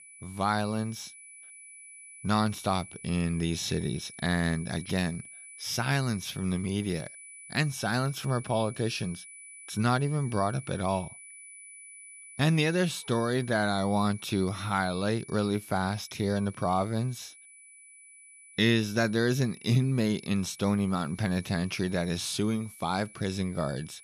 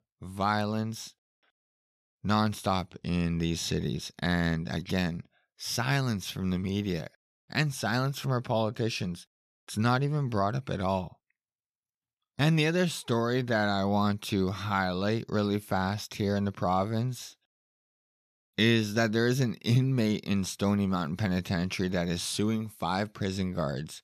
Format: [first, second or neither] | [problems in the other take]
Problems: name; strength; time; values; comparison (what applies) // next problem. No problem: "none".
second | high-pitched whine; noticeable; throughout; 10 kHz, 15 dB below the speech